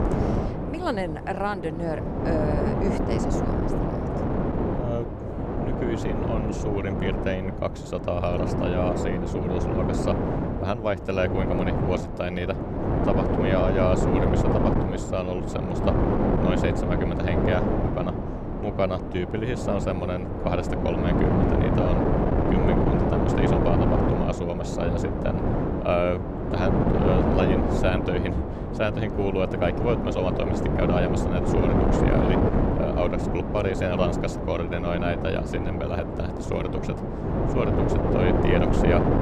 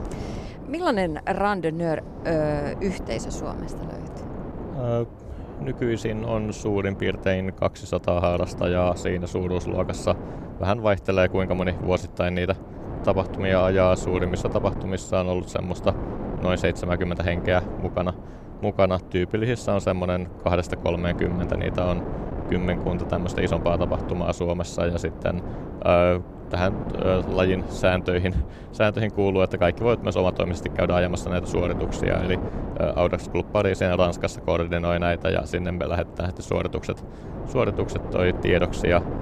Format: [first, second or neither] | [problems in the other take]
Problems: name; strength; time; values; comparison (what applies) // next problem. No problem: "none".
second | wind noise on the microphone; heavy; as loud as the speech; occasional gusts in the second